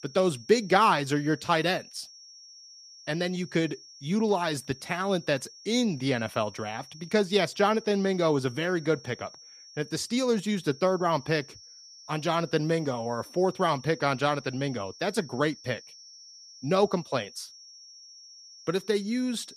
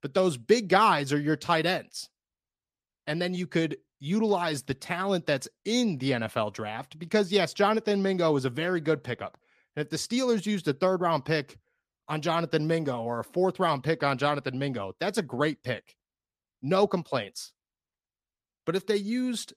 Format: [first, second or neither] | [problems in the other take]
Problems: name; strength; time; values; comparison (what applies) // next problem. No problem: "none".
second | high-pitched whine; noticeable; throughout; 5.5 kHz, 20 dB below the speech